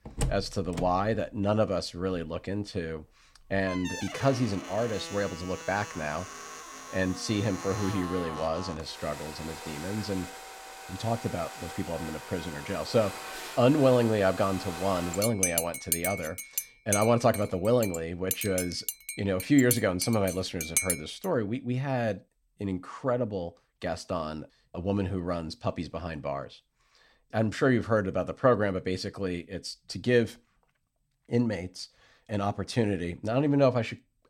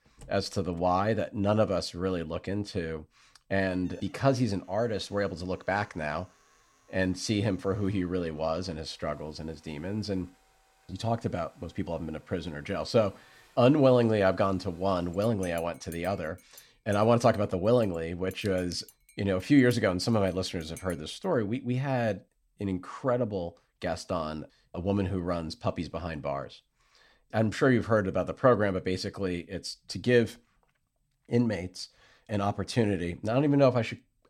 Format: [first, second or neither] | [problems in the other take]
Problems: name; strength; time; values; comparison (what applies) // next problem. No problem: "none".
second | household noises; loud; until 21 s; 6 dB below the speech; faint in the second